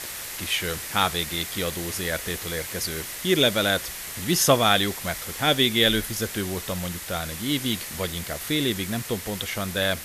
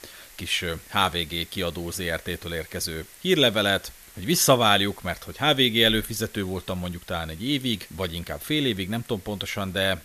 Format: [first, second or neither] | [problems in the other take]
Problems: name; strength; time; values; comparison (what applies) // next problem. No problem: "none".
second | hiss; loud; throughout; 8 dB below the speech; faint in the second